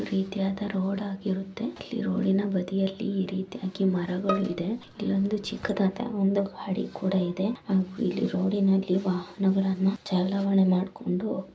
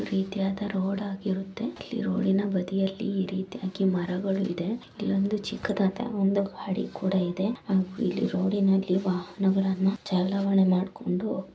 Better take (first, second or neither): second